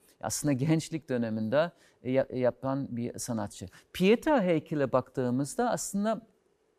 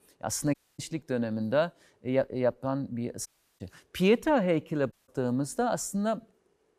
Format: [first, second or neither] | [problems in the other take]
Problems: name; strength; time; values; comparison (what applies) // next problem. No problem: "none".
first | audio cutting out; at 0.5 s, at 3.5 s and at 5 s